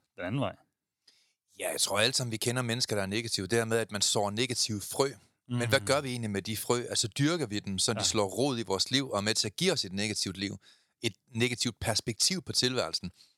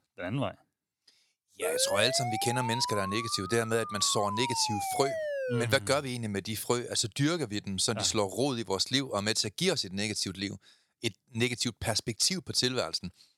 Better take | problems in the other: first | siren; noticeable; from 1.5 to 5.5 s; peak 3 dB below the speech

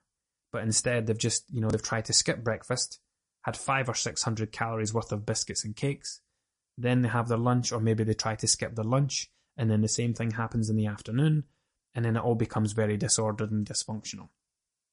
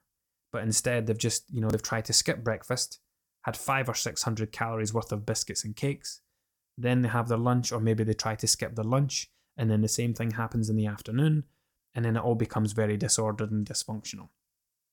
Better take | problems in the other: second | garbled, watery; slightly; nothing above 10.5 kHz

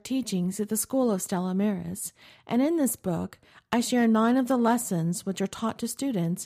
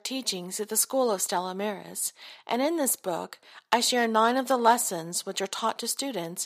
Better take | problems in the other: first | thin; somewhat; fading below 500 Hz

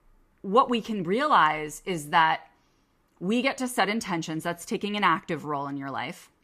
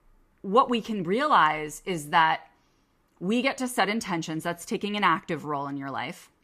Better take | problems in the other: neither | none

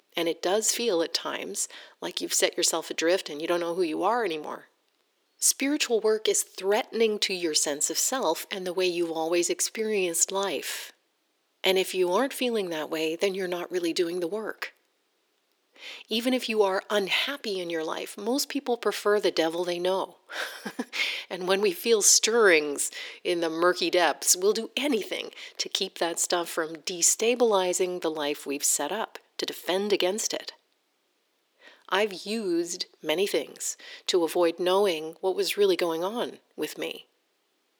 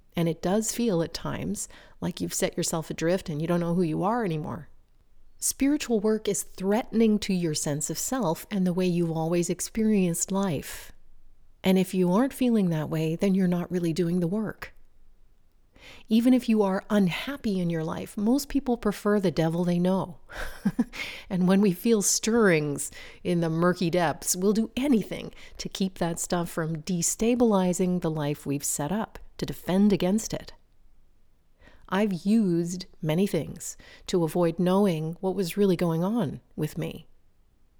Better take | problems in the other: second | thin; somewhat; fading below 350 Hz

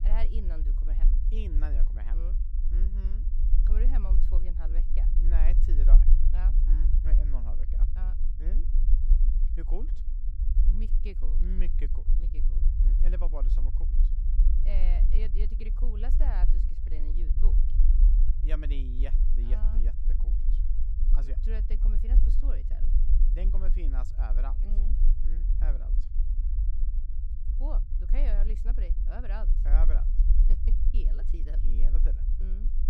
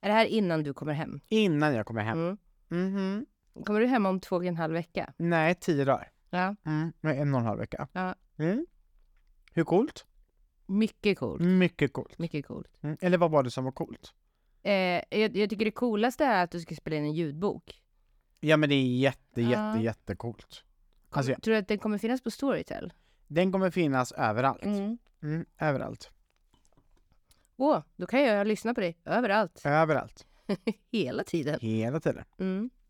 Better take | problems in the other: second | low rumble; loud; throughout; 4 dB below the speech

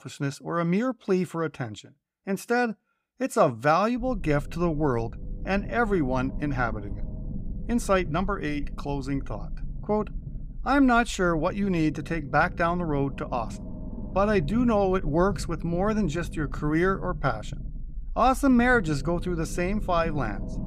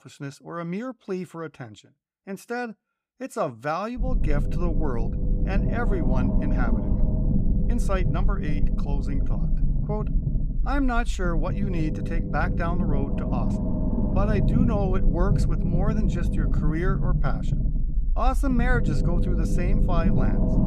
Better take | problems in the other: first | low rumble; loud; from 4 s on; 4 dB below the speech; faint in the first

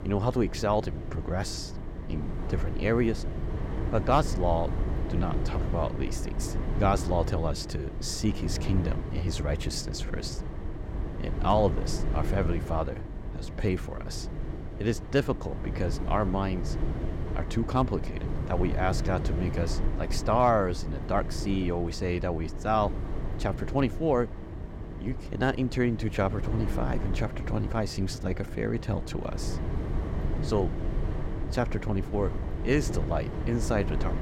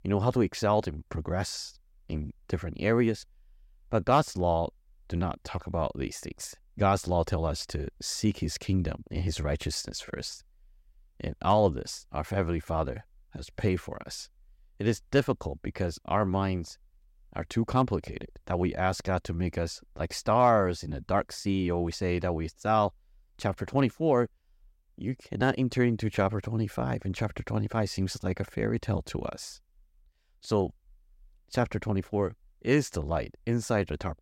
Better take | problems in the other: second | wind noise on the microphone; occasional gusts; 10 dB below the speech

